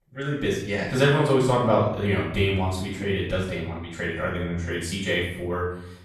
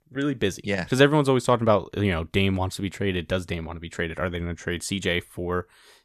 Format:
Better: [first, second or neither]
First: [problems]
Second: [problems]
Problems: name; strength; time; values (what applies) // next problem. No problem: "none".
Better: second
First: off-mic speech; far // room echo; noticeable; dies away in 0.7 s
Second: none